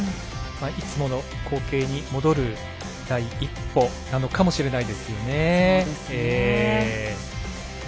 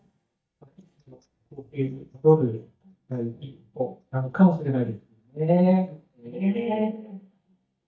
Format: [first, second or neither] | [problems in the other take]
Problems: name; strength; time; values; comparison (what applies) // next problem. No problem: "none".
first | noise reduction (neural mask model DeepFilterNet 3)